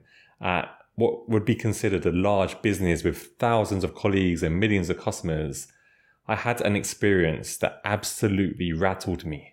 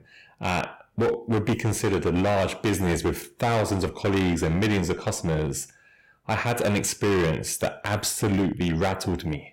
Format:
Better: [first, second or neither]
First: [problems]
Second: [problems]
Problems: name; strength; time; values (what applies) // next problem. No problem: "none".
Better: first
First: none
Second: distortion; heavy; 14% of the sound clipped